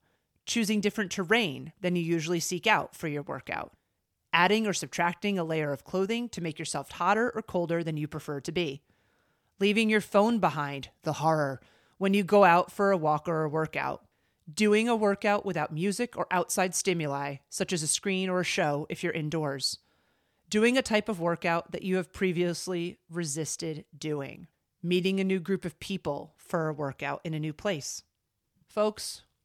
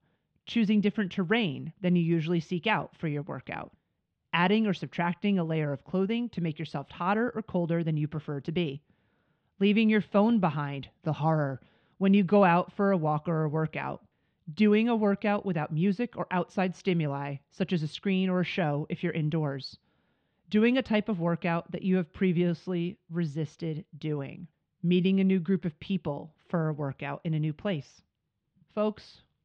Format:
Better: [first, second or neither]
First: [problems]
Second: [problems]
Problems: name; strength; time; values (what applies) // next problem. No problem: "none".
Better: first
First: none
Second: muffled; slightly; fading above 3.5 kHz